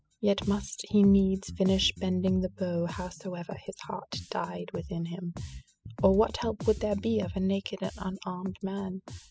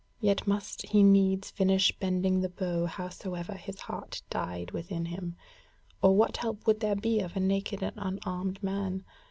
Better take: second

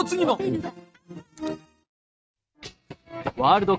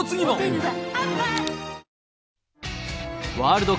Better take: second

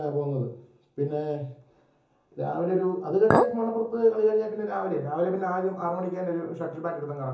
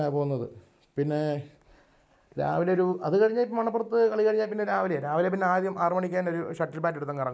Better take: second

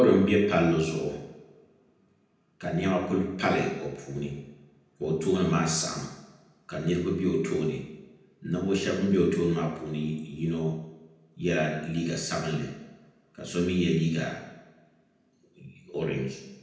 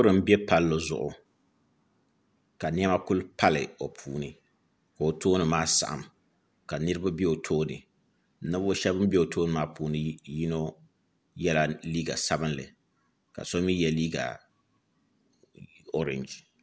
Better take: second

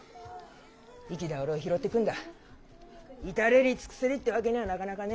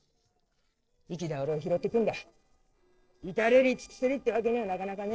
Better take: first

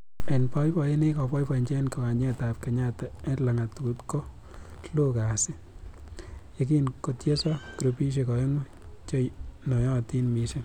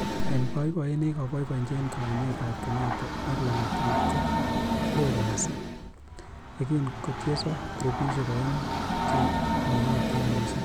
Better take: first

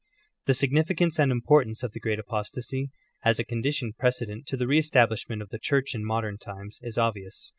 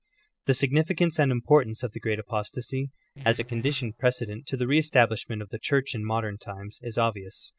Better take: first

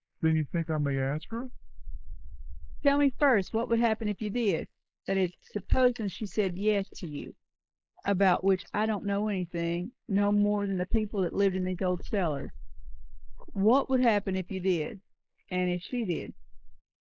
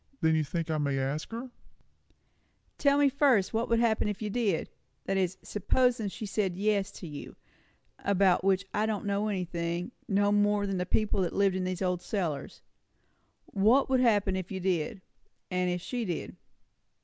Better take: second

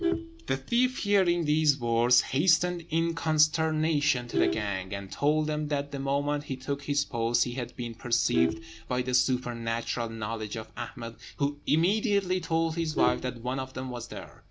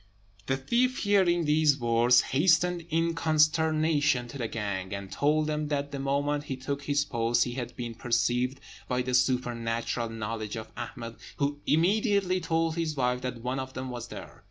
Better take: second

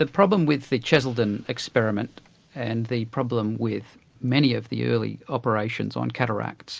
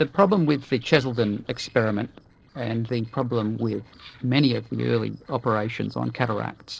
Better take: first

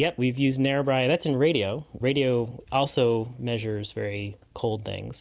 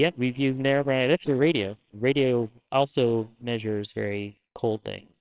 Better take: first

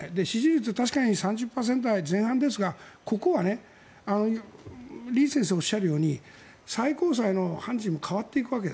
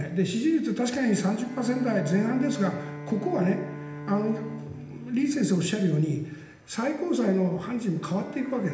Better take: first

